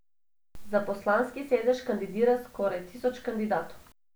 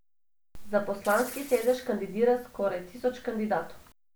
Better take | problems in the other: first | background sound (Tearing); 14 dB below the speech

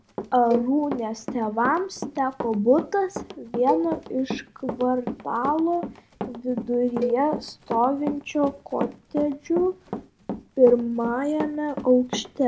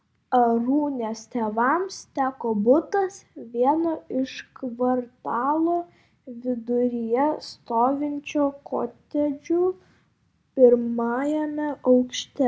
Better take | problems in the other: second | background sound (Run + Cowbell); 10 dB below the speech

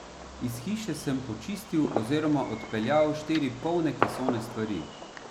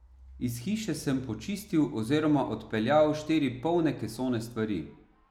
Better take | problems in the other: second | background sound (Fireworks); 8 dB below the speech

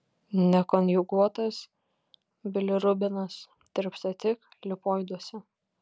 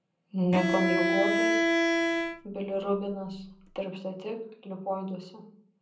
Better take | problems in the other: first | background sound (Bowed string instrument); 4 dB above the speech // room echo; dies away in 0.6 s

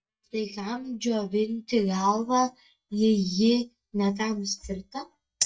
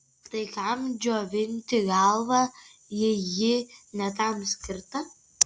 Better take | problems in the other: second | noise reduction (neural mask model DeepFilterNet 3)

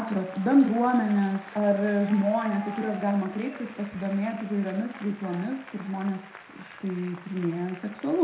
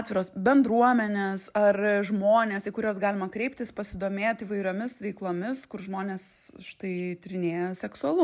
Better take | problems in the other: second | background sound (Applause); 17 dB below the speech // room echo; dies away in 0.5 s

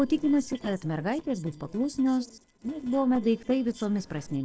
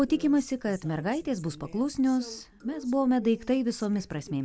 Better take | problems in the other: second | noise reduction (neural separator model SepFormer DNS4)

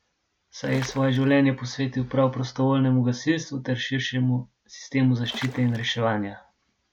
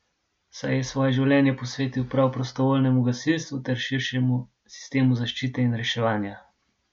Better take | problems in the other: second | background sound (Water / Splash, splatter); 17 dB below the speech

